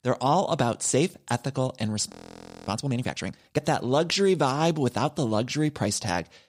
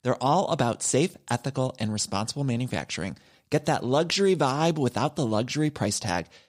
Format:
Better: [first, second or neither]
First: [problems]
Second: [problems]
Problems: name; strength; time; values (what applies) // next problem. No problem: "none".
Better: second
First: audio freezing; at 2 s for 0.5 s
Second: none